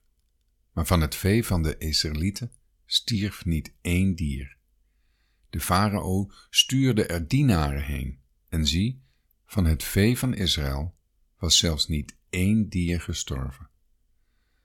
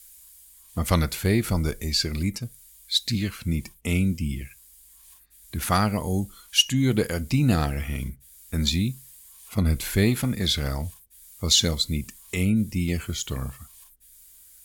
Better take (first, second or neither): first